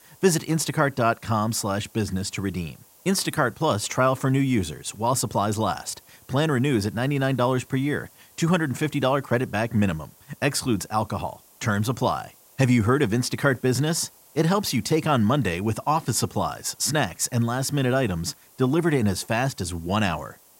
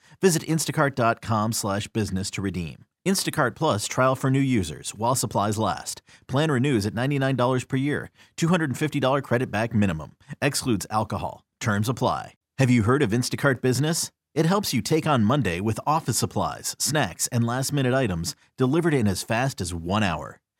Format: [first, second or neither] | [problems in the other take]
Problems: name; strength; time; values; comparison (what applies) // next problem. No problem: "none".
second | hiss; faint; throughout; 25 dB below the speech